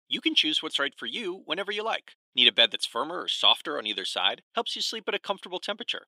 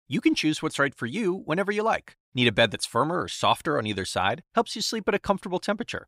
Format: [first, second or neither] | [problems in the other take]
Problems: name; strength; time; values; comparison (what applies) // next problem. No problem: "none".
second | thin; very slightly; fading below 300 Hz